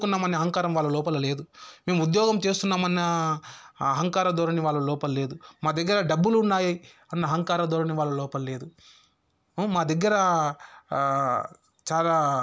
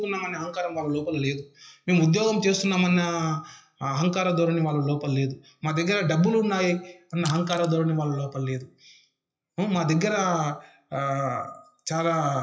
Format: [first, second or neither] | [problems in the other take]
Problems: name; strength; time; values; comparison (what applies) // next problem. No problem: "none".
first | noise reduction (classical method WPE with log-MMSE)